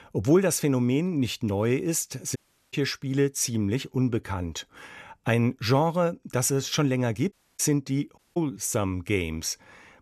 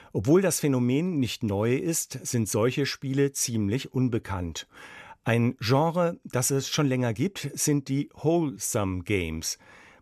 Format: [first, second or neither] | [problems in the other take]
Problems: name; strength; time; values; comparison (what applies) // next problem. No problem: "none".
second | audio cutting out; at 2.5 s, at 7.5 s and at 8 s